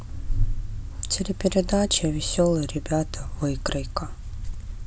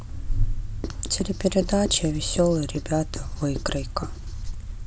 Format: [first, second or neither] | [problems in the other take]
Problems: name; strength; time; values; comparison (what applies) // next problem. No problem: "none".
first | background sound (Writing); 14 dB below the speech